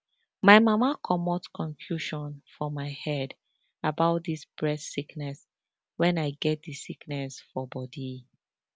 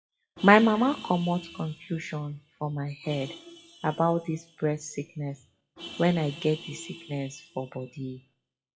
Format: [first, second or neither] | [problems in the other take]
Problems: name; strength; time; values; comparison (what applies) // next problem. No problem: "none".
first | noise reduction (classical method WPE with log-MMSE)